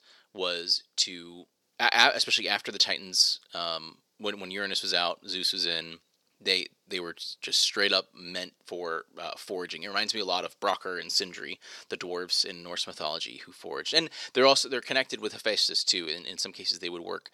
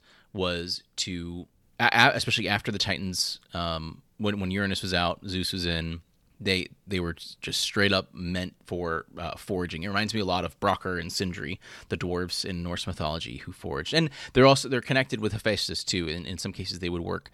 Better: second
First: thin; somewhat; fading below 400 Hz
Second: none

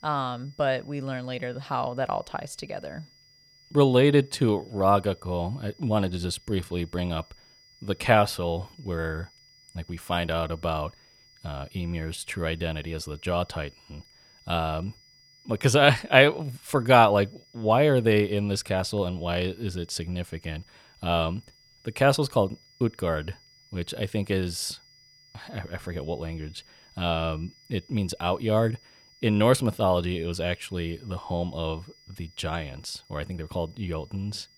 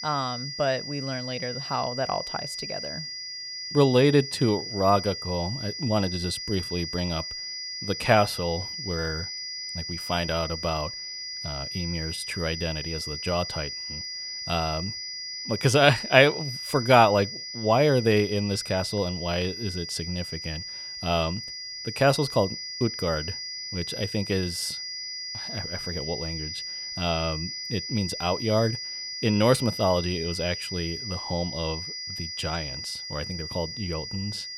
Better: first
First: high-pitched whine; faint; throughout; 5 kHz, 30 dB below the speech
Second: high-pitched whine; loud; throughout; 5 kHz, 6 dB below the speech

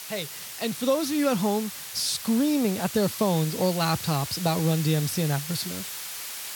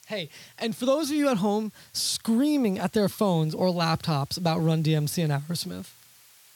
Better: second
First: hiss; loud; throughout; 8 dB below the speech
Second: hiss; faint; throughout; 25 dB below the speech

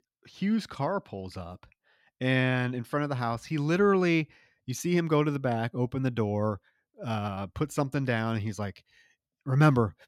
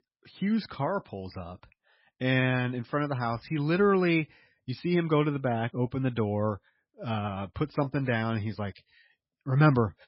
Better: first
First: none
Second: garbled, watery; badly; nothing above 5.5 kHz

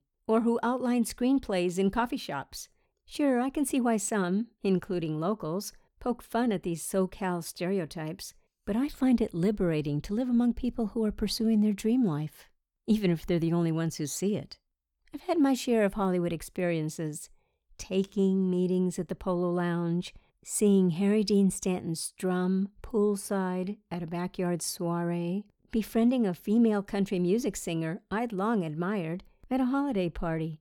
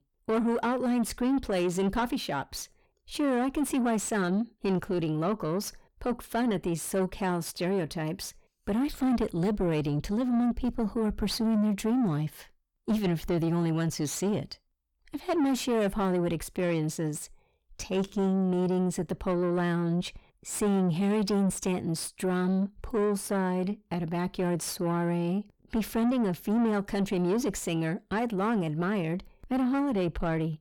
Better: first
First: none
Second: distortion; slight; 9 dB below the speech

